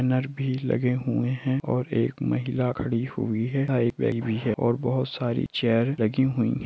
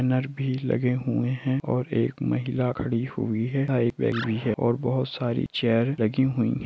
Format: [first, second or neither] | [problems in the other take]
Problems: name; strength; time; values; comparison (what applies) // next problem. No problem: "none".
first | background sound (Animal); 16 dB below the speech